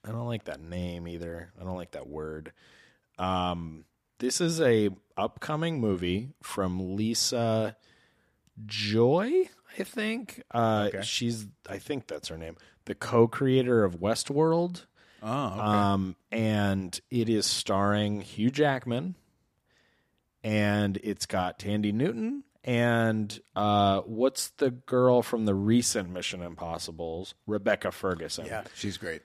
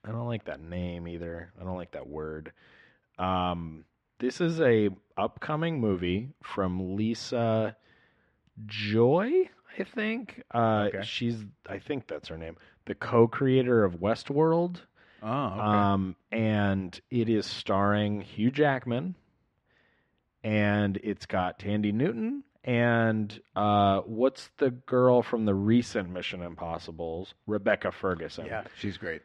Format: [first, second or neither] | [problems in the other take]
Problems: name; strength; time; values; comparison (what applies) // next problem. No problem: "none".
first | muffled; slightly; fading above 2.5 kHz